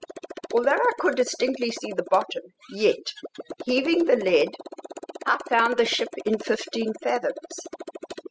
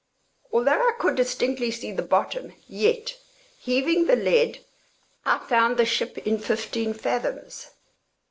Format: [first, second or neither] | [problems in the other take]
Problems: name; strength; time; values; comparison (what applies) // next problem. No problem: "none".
second | noise reduction (classical method spectral subtraction)